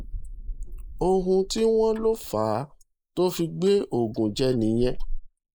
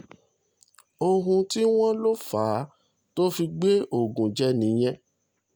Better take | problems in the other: second | noise reduction (neural mask model Resemble Enhance denoiser)

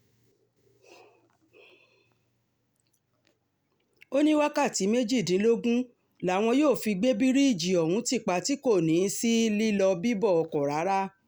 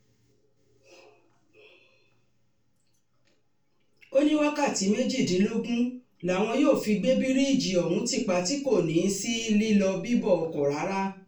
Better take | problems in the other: first | room echo; dies away in 0.3 s

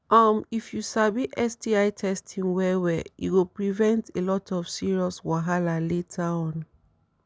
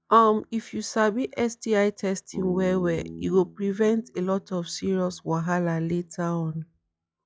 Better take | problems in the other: first | noise reduction (classical method log-MMSE)

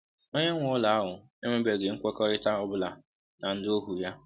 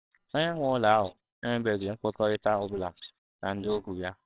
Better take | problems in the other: first | noise reduction (neural separator model SepFormer WHAMR!)

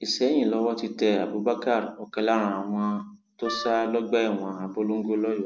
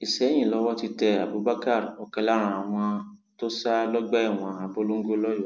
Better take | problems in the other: second | background sound (Wind instrument, woodwind instrument); 10 dB below the speech

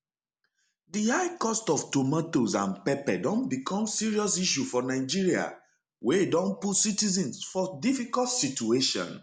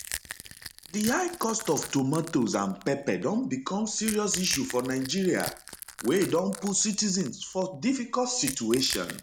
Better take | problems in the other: first | background sound (Crack / Crushing); 13 dB below the speech

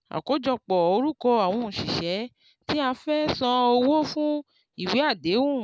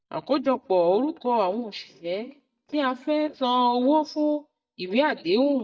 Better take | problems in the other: first | noise reduction (neural mask model DeepFilterNet 3)

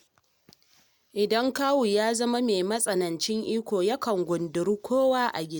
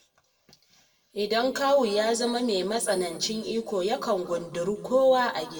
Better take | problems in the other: first | room echo; dies away in 1.4 s

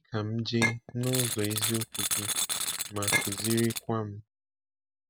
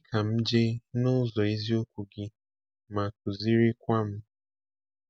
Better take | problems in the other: second | background sound (Chink, clink + Tools); 1 dB above the speech

